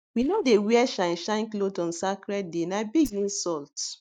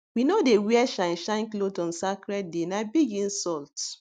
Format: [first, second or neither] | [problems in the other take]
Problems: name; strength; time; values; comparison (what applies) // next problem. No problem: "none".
second | noise reduction (neural mask model DeepFilterNet 3)